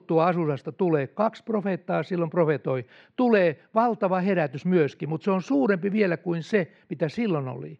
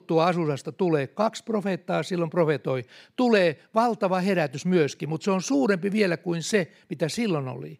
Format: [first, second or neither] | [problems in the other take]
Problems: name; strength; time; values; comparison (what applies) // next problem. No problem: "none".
second | muffled; slightly; fading above 2.5 kHz